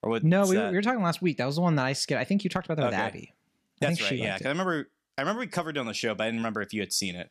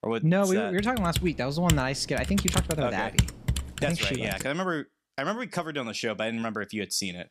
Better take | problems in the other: first | keyboard typing; loud; from 1 to 4.5 s; peak 1 dB above the speech

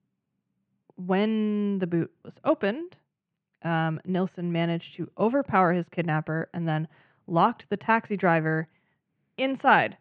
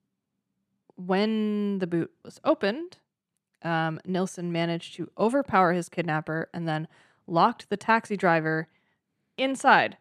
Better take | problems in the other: second | muffled; very; fading above 3 kHz

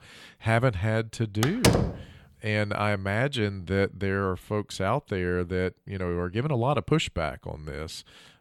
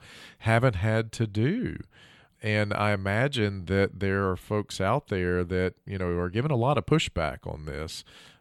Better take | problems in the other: second | door banging; loud; at 1.5 s; peak 5 dB above the speech

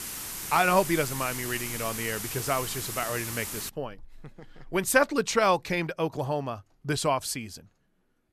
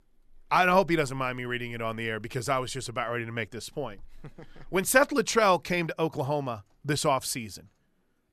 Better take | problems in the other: second | hiss; loud; until 3.5 s; 6 dB below the speech

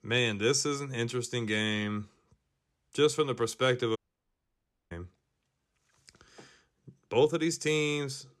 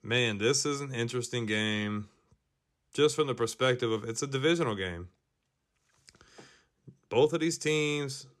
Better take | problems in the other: second | audio cutting out; at 4 s for 1 s

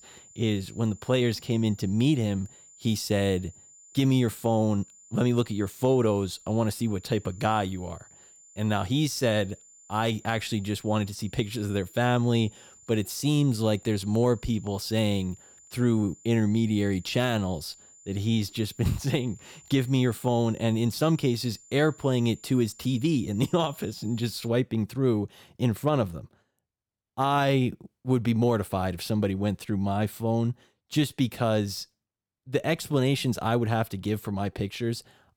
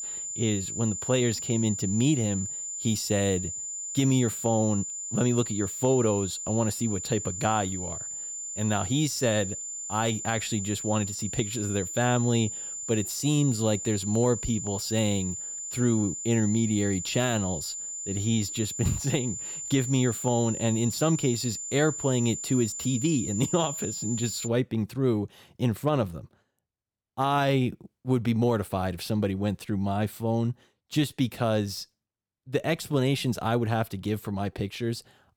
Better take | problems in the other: first | high-pitched whine; loud; until 24 s; 7 kHz, 5 dB below the speech; faint in the first

